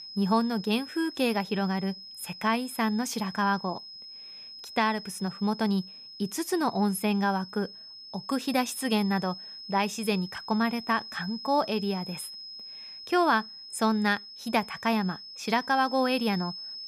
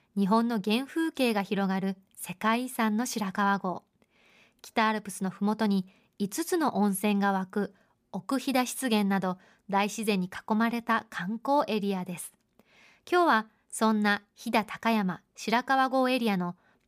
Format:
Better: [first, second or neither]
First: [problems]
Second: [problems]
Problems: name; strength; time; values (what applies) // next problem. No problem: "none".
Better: second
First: high-pitched whine; noticeable; throughout; 5 kHz, 10 dB below the speech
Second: none